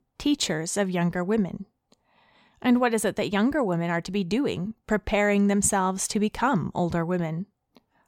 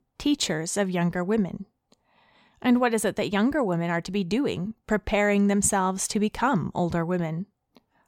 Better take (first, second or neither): neither